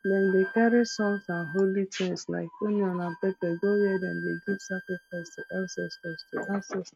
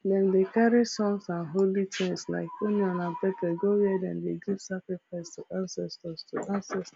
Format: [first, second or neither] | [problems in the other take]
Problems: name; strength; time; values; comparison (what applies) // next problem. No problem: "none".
second | noise reduction (neural mask model RNNoise)